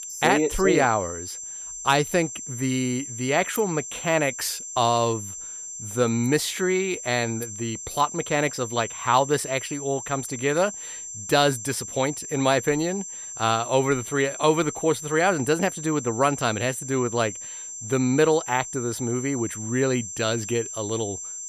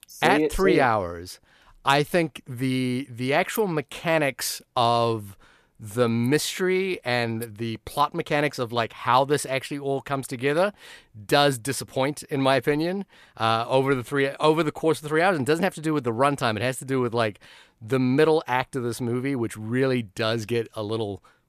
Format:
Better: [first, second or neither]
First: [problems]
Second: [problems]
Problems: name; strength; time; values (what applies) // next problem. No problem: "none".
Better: second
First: high-pitched whine; loud; throughout; 7.5 kHz, 9 dB below the speech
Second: none